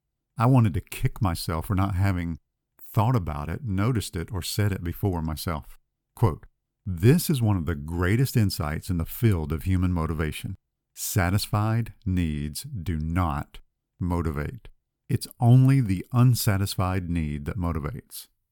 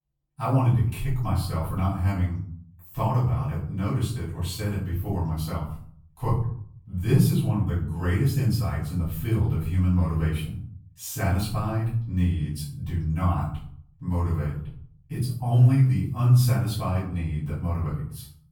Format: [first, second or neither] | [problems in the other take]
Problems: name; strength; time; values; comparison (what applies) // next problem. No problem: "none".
first | room echo; noticeable; dies away in 0.6 s // off-mic speech; far